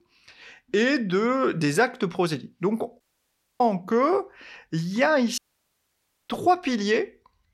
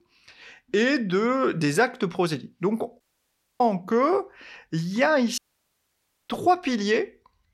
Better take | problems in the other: neither | audio cutting out; at 3 s for 0.5 s and at 5.5 s for 1 s; the same in both

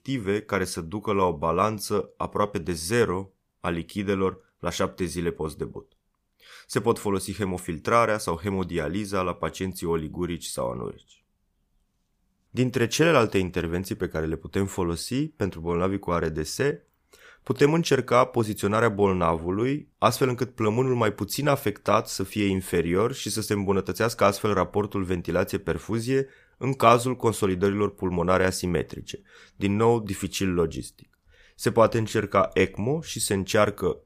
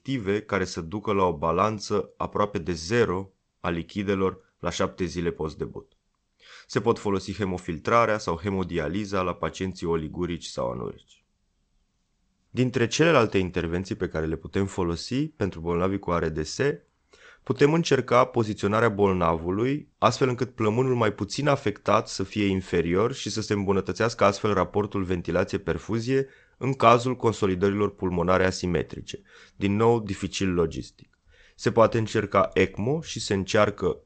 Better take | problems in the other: first | garbled, watery; slightly; nothing above 8 kHz

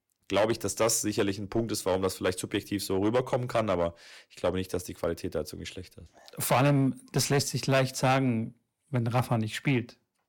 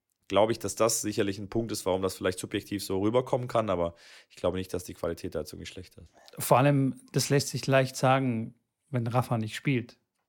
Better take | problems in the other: second | distortion; slight; 5% of the sound clipped

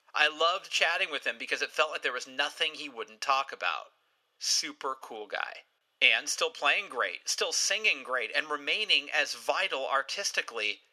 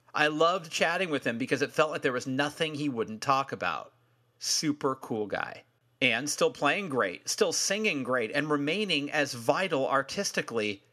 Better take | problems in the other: second | thin; very; fading below 650 Hz

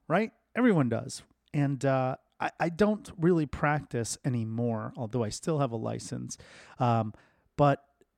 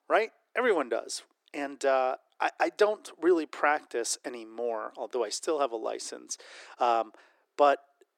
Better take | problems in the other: first | thin; very; fading below 350 Hz

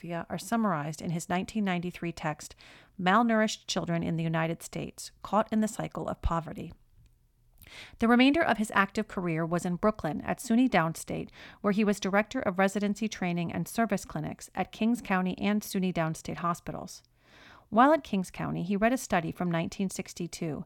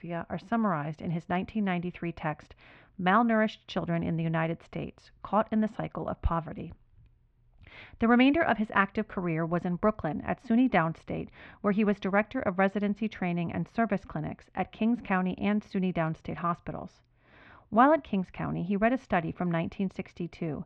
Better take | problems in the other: first | muffled; very; fading above 3 kHz

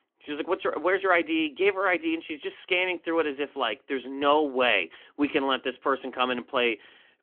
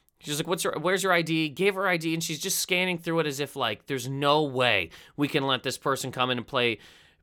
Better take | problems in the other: second | phone-call audio; nothing above 3.5 kHz

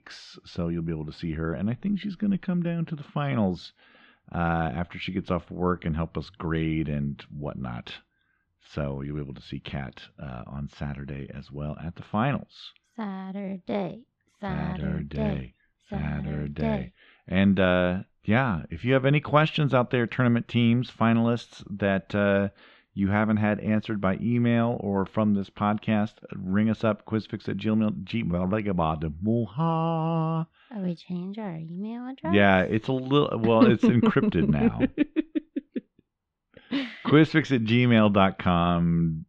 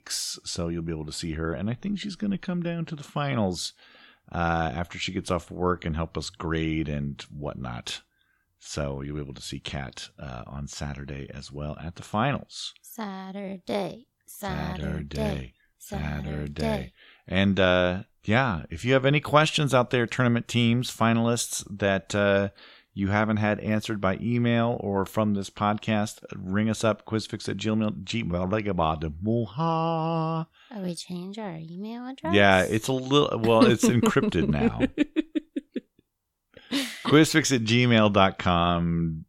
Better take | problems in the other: second | muffled; slightly; fading above 3 kHz

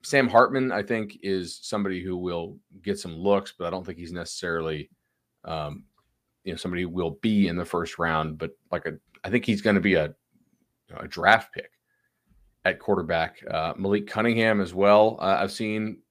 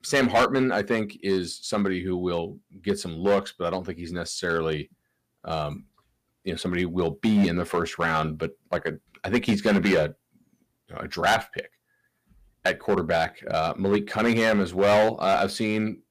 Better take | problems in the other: first | distortion; heavy; 4% of the sound clipped

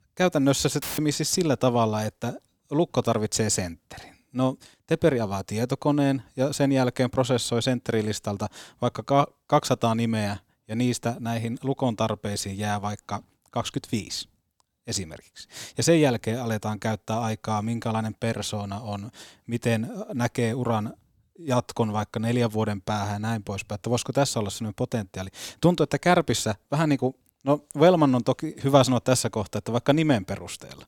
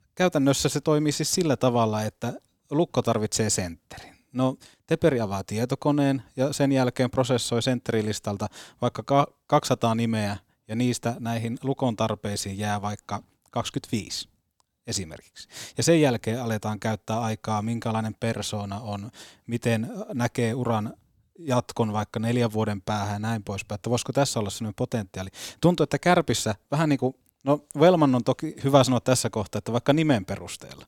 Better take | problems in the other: second | audio cutting out; filled with static; at 1 s

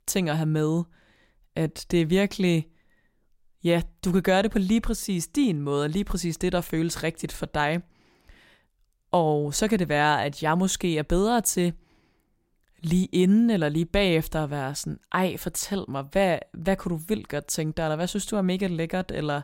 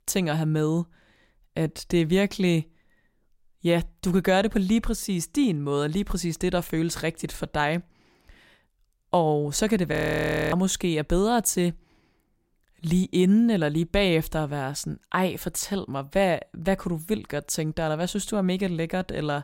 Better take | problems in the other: first | audio freezing; at 10 s for 0.5 s

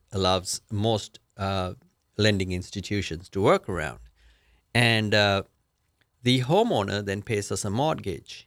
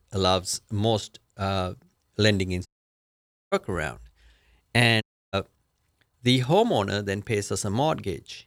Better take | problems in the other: first | audio cutting out; at 2.5 s for 1 s and at 5 s

